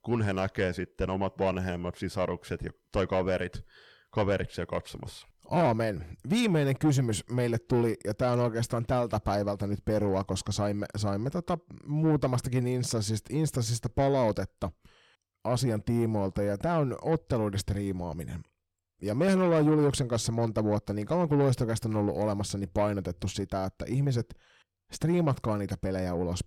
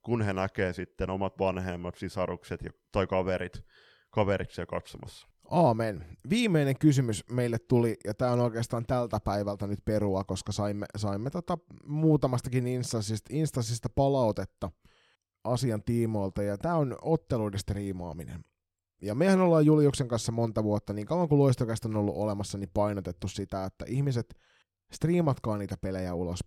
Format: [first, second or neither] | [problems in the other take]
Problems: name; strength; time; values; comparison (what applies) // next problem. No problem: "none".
second | distortion; slight; 10 dB below the speech